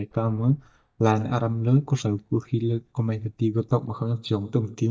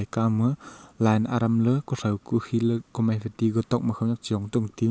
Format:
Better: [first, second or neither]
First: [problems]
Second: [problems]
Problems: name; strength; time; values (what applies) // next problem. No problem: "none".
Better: second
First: noise reduction (neural mask model DeepFilterNet 3)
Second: none